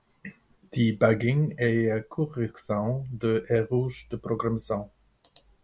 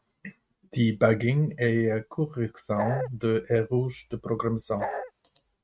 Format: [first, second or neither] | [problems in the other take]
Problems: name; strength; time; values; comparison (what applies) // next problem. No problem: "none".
first | noise reduction (neural mask model RNNoise)